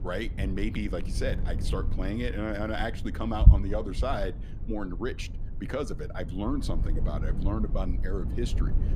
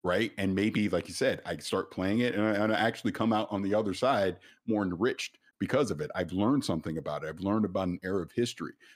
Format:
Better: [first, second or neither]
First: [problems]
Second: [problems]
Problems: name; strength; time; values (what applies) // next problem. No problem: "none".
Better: second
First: low rumble; noticeable; throughout; 10 dB below the speech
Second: none